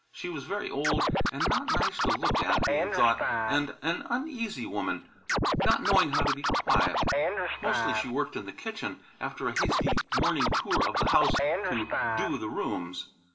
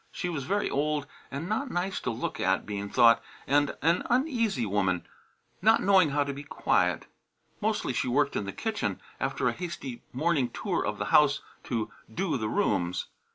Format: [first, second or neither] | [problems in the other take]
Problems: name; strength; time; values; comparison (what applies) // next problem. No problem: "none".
second | background sound (Scratching (performance technique)); 3 dB above the speech // room echo; dies away in 0.4 s